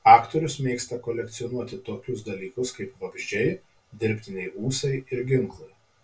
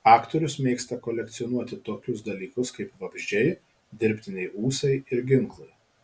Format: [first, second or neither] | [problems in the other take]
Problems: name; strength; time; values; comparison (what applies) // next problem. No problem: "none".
second | room echo; dies away in 0.2 s